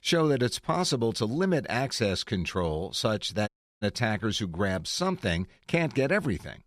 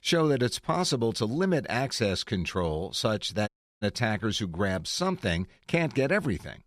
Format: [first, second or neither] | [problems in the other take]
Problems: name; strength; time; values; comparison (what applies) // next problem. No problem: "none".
neither | audio cutting out; at 3.5 s; the same in both